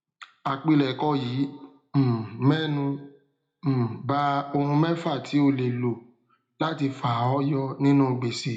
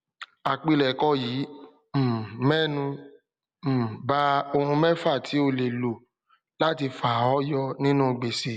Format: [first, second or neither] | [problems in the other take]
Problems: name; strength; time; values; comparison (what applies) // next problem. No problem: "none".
second | room echo; dies away in 0.3 s